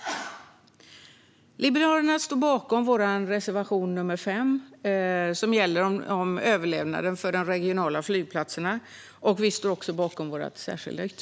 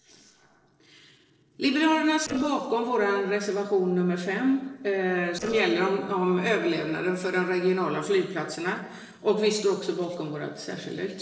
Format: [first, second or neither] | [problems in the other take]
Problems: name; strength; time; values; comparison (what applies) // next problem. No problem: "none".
first | noise reduction (neural separator model SepFormer DNS4)